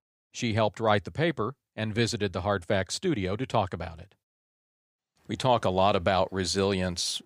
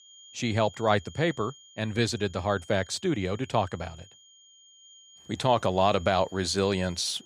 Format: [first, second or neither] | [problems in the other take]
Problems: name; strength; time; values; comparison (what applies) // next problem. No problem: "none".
first | high-pitched whine; faint; throughout; 3 kHz, 25 dB below the speech